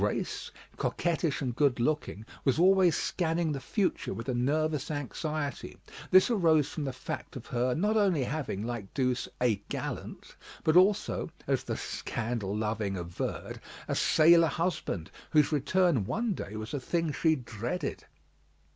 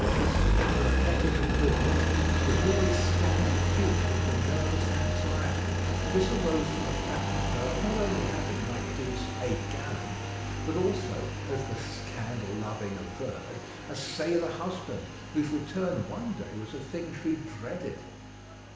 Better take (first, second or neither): first